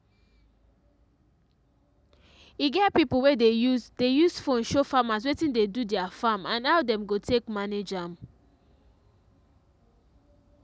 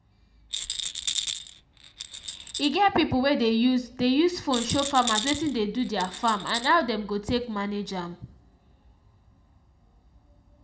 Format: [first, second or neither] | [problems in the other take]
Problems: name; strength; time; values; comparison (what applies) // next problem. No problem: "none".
first | background sound (Rattle); 7 dB below the speech // room echo; dies away in 0.5 s